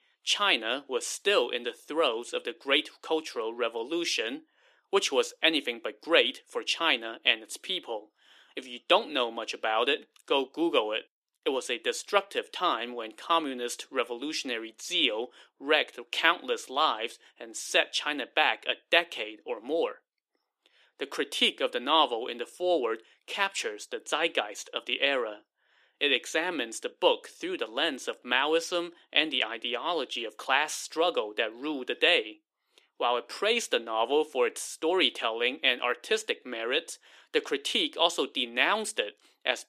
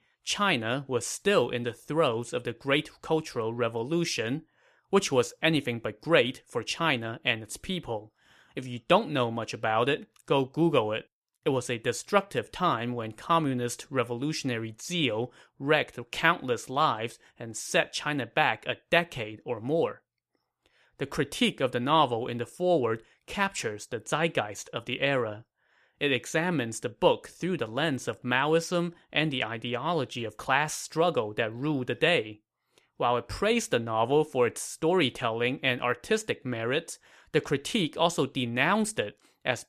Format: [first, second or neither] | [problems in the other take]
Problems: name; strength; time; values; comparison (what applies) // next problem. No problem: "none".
second | thin; somewhat; fading below 300 Hz